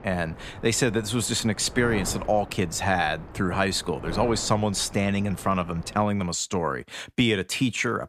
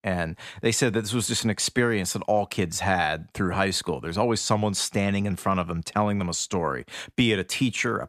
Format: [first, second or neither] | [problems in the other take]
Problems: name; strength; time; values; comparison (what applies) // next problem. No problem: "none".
second | wind noise on the microphone; occasional gusts; until 6 s; 15 dB below the speech